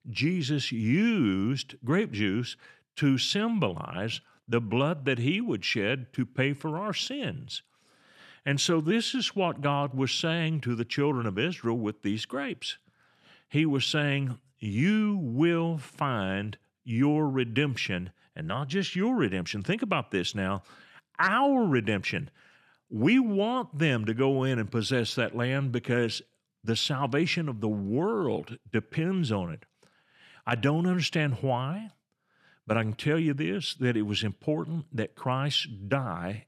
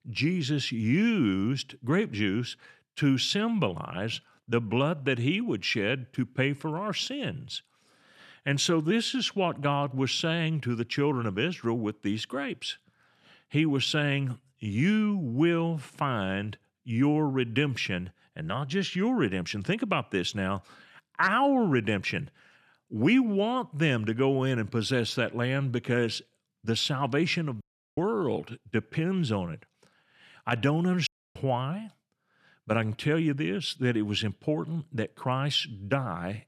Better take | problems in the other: first | audio cutting out; at 28 s and at 31 s

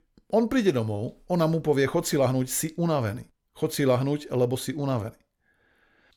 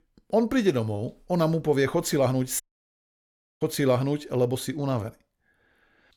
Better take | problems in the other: first | audio cutting out; at 2.5 s for 1 s

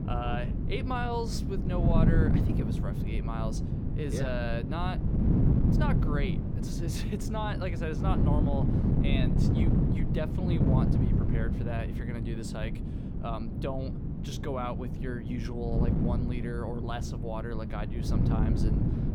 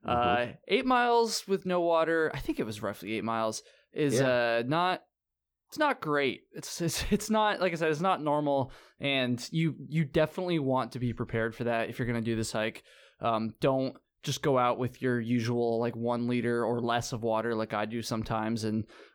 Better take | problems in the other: second | wind noise on the microphone; heavy; 1 dB below the speech

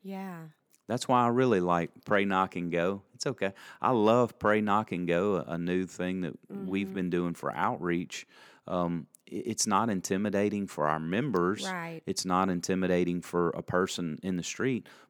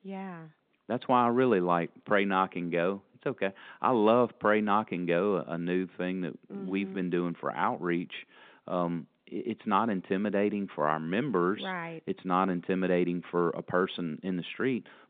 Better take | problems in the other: first | phone-call audio; nothing above 3.5 kHz

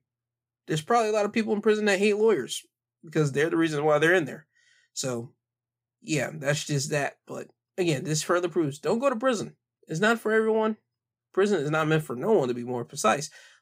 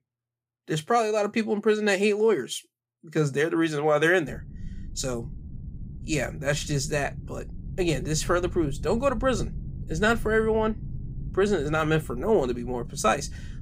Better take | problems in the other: first | low rumble; faint; from 4.5 s on; 25 dB below the speech

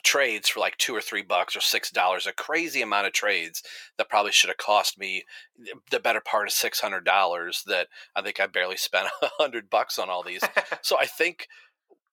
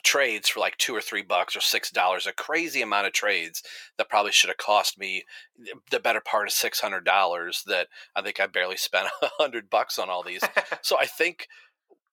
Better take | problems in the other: neither | thin; very; fading below 750 Hz; the same in both

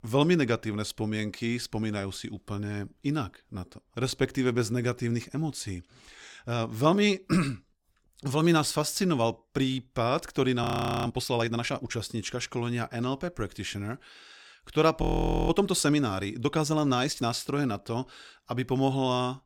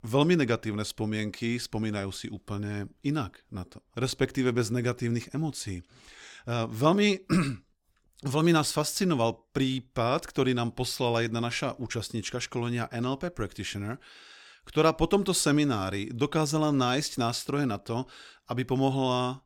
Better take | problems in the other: second | audio freezing; at 11 s and at 15 s

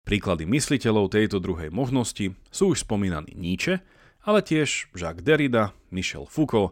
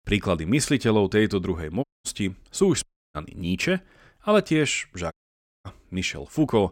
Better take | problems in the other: first | audio cutting out; at 2 s, at 3 s and at 5 s for 0.5 s

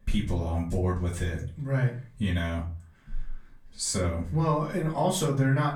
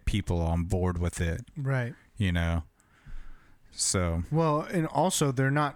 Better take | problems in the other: second | off-mic speech; far // room echo; slight; dies away in 0.3 s

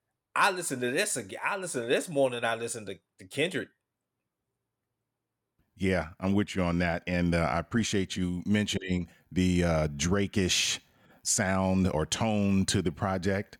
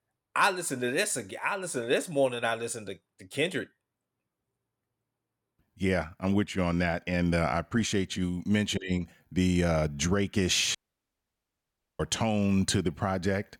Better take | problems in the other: first | audio cutting out; at 11 s for 1 s

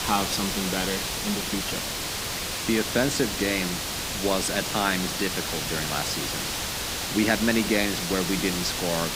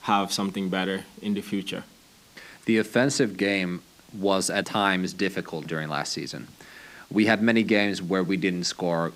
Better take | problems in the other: second | hiss; loud; throughout; 1 dB below the speech; faint in the second

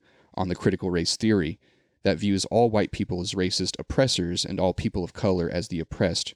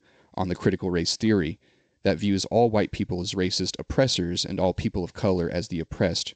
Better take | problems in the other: first | garbled, watery; slightly; nothing above 8 kHz

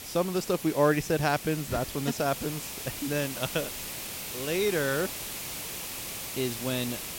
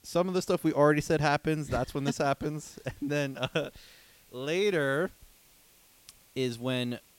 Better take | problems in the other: second | hiss; loud; throughout; 6 dB below the speech; faint in the second

